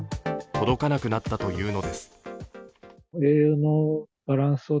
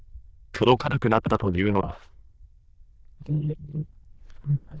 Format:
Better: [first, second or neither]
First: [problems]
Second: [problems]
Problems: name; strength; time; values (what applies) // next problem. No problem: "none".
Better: first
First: none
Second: noise reduction (neural diffusion model UNIVERSE++)